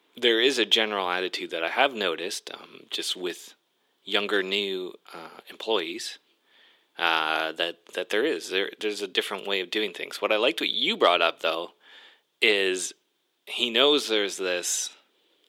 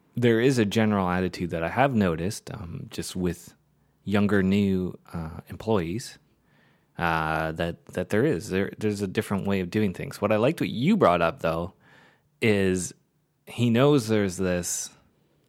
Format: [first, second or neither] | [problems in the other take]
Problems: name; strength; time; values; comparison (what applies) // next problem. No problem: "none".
second | thin; somewhat; fading below 350 Hz